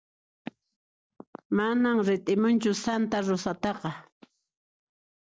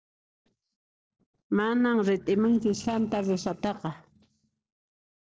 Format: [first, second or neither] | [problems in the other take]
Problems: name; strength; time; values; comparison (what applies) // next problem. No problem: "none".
first | noise reduction (neural separator model SepFormer DNS4)